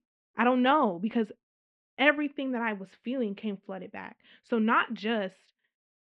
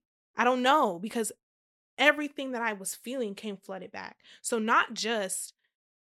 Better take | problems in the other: second | muffled; very; fading above 3 kHz

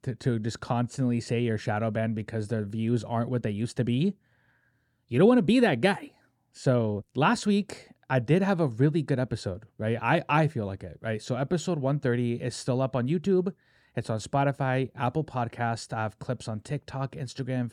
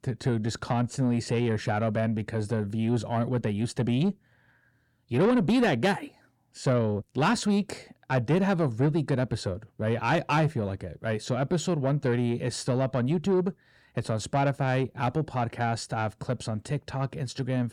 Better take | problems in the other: first | distortion; slight; 10 dB below the speech

